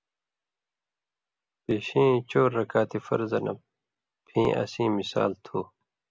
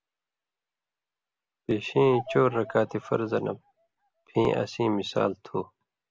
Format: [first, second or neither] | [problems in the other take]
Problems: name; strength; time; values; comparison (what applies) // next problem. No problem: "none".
first | background sound (Bird vocalization, bird call, bird song); 15 dB below the speech